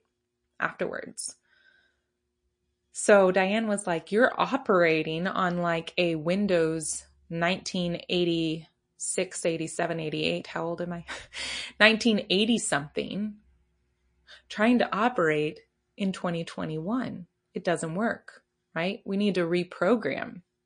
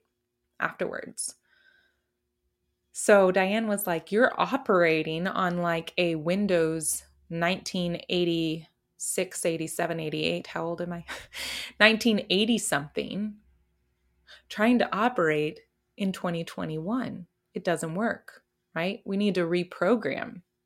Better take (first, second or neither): second